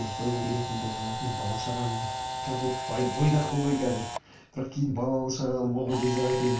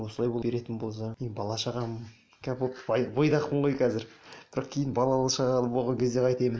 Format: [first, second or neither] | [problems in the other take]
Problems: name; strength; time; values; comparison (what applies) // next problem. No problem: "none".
second | background sound (Camera); 7 dB below the speech // room echo; dies away in 0.2 s